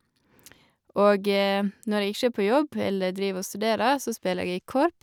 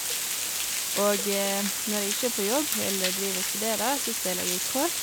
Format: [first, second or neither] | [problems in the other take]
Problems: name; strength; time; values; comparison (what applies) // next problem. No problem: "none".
first | background sound (Water); 1 dB above the speech